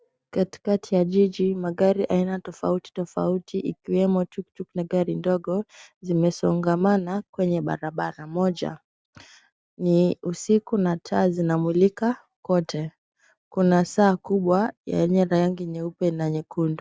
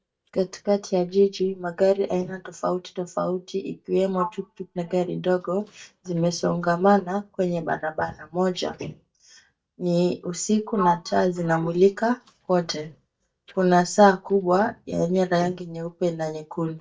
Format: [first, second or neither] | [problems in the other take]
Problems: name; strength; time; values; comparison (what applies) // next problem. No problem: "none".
first | noise reduction (neural mask model DeepFilterNet 3)